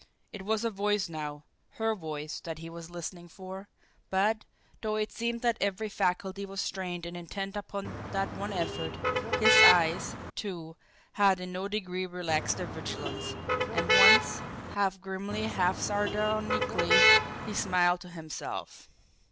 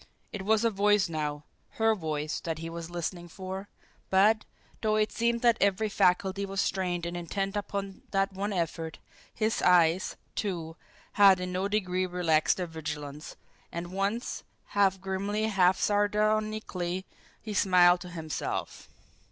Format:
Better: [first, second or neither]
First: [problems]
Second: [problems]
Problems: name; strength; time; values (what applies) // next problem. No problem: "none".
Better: second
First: background sound (Motor vehicle (road)); 4 dB above the speech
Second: none